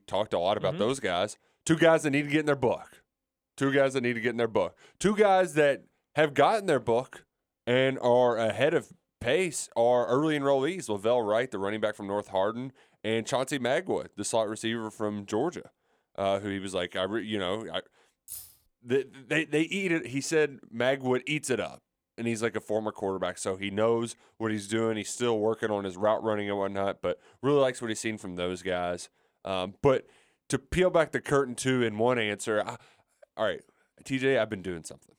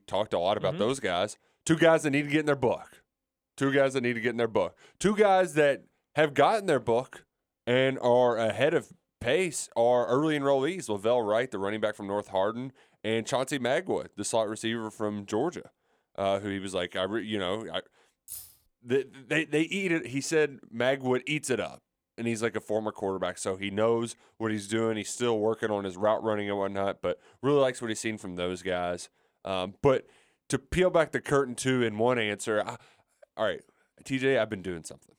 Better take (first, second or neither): neither